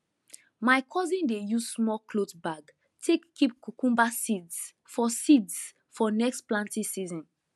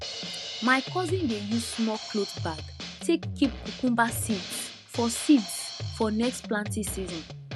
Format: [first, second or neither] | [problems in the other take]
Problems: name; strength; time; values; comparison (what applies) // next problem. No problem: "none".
first | background sound (Drum kit); 8 dB below the speech